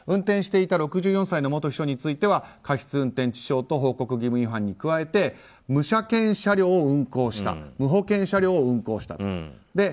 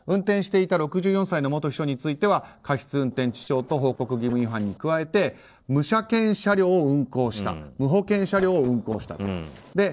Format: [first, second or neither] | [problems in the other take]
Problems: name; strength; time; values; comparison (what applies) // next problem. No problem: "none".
first | noise reduction (neural separator model SepFormer DNS4)